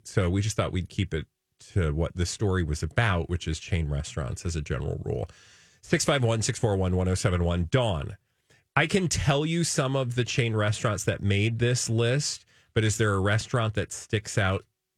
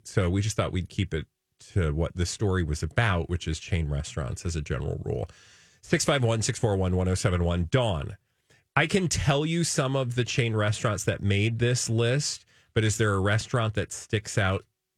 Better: neither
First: none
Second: none

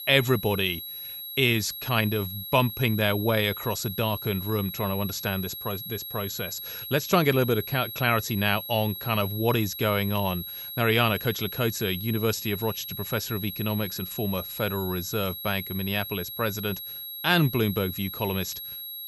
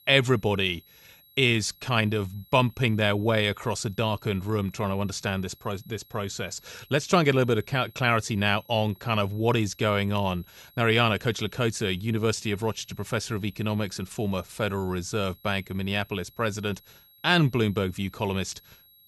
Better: second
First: high-pitched whine; loud; throughout; 11.5 kHz, 8 dB below the speech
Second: high-pitched whine; faint; throughout; 11.5 kHz, 25 dB below the speech

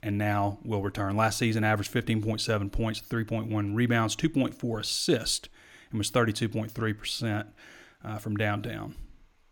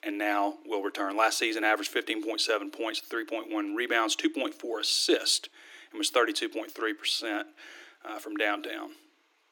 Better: first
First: none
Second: thin; very; fading below 300 Hz

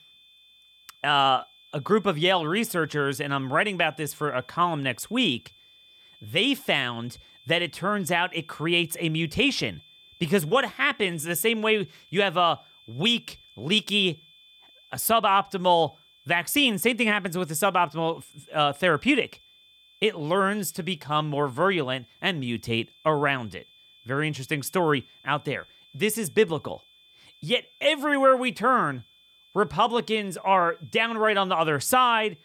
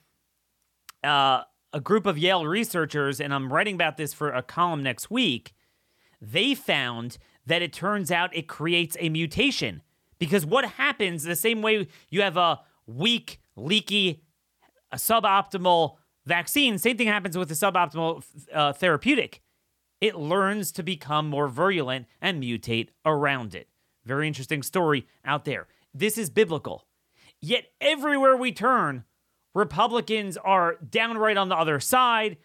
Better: second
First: high-pitched whine; faint; throughout; 3.5 kHz, 30 dB below the speech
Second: none

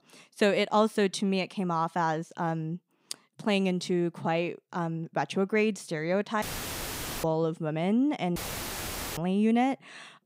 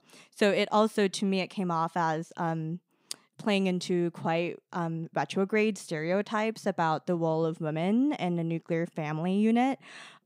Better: second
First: audio cutting out; filled with static; at 6.5 s for 1 s and at 8.5 s for 1 s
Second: none

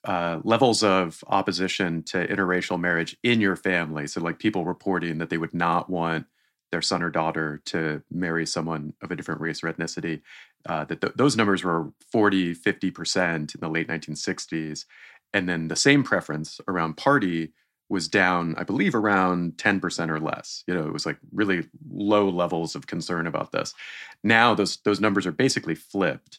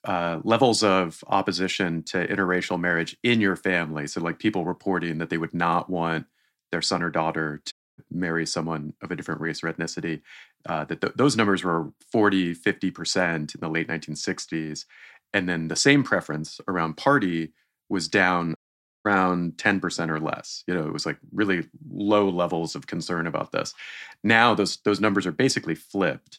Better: first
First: none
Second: audio cutting out; at 7.5 s and at 19 s

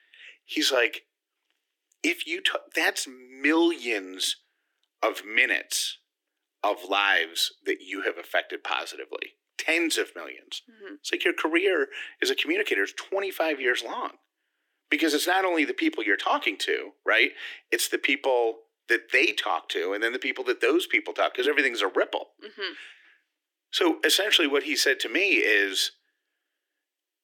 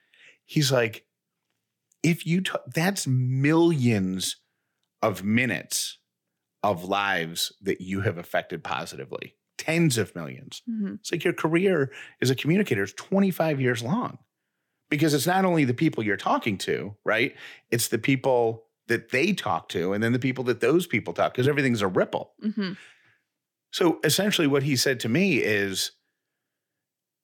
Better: second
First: thin; very; fading below 300 Hz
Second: none

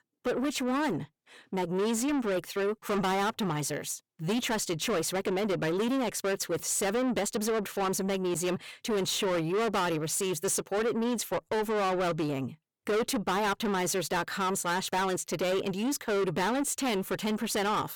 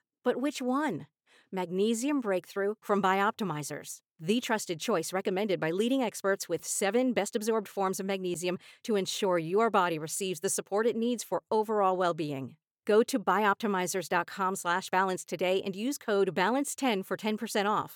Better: second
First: distortion; heavy; 7 dB below the speech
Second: none

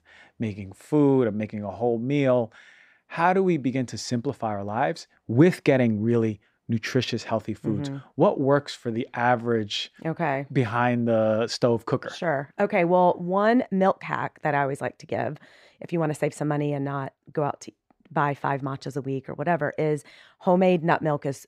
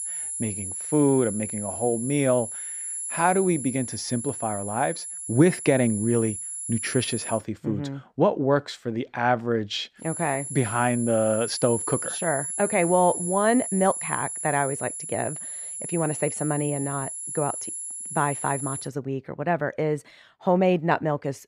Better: first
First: none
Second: high-pitched whine; loud; until 7.5 s and from 10 to 19 s; 10.5 kHz, 5 dB below the speech

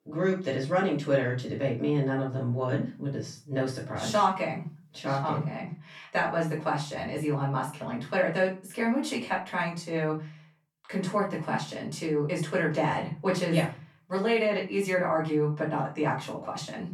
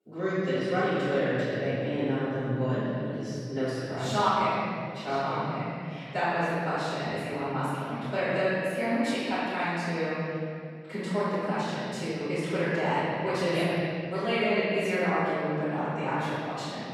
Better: first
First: room echo; slight; dies away in 0.3 s // off-mic speech; far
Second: room echo; strong; dies away in 2.4 s // off-mic speech; far

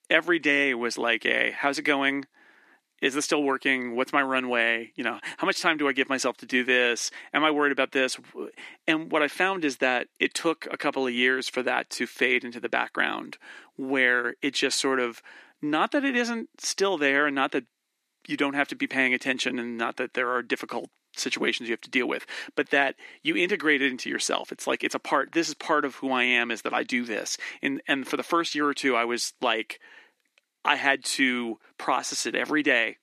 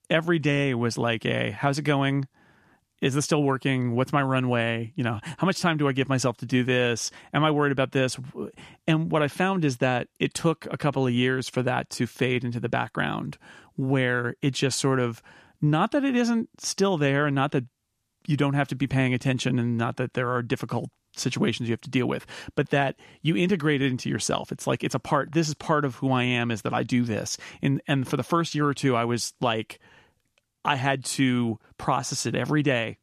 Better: second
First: thin; somewhat; fading below 300 Hz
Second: none

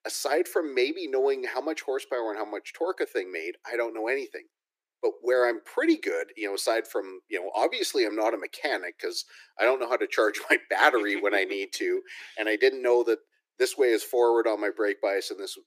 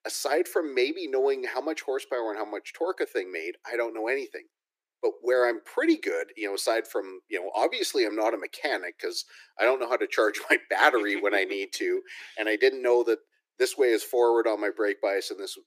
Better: neither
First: thin; very; fading below 300 Hz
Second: thin; very; fading below 300 Hz

